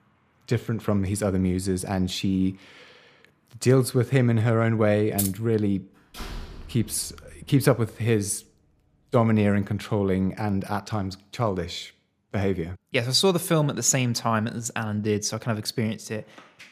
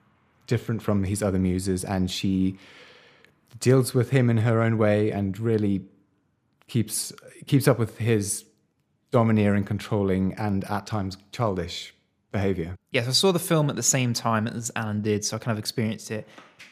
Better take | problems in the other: second | jangling keys; noticeable; at 5 s; peak 4 dB below the speech // door banging; faint; from 6 to 8 s; peak 15 dB below the speech

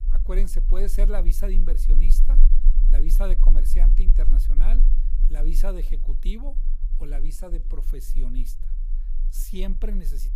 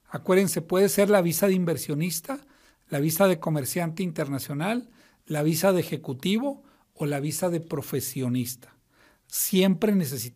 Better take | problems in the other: second | low rumble; noticeable; throughout; 10 dB below the speech

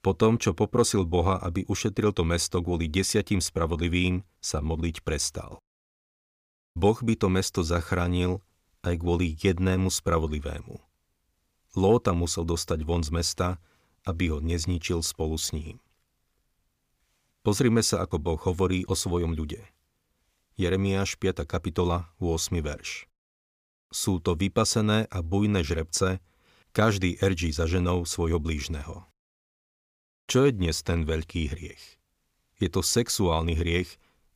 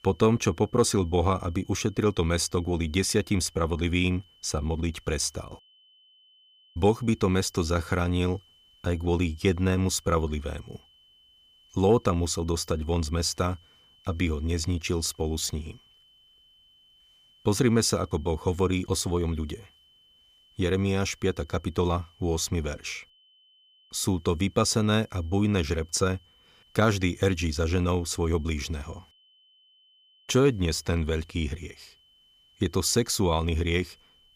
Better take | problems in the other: first | high-pitched whine; faint; throughout; 3 kHz, 30 dB below the speech

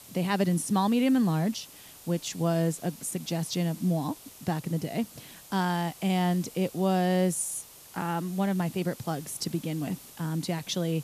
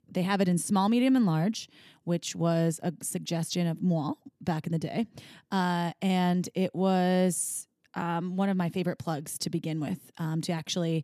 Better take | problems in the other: second | hiss; noticeable; throughout; 20 dB below the speech

